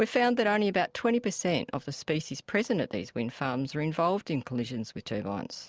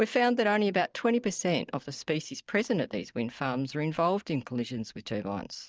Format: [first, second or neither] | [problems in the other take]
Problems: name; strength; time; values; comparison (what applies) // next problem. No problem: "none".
first | noise reduction (neural mask model DeepFilterNet 3)